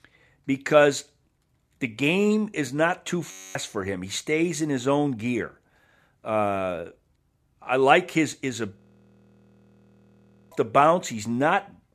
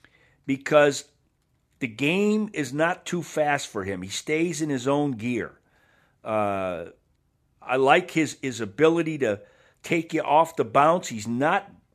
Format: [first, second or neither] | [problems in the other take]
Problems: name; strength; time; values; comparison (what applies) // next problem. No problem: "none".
second | audio freezing; at 3.5 s and at 9 s for 1.5 s